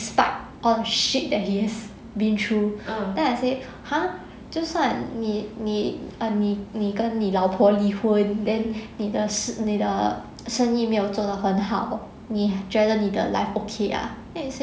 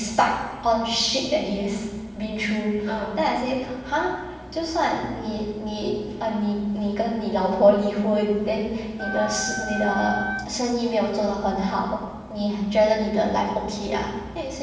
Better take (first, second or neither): first